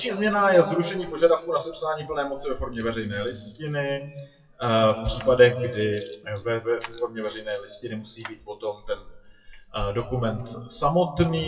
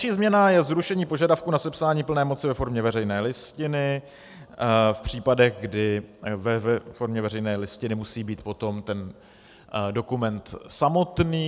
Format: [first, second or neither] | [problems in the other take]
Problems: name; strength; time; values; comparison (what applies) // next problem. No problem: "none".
second | noise reduction (classical method WPE with log-MMSE)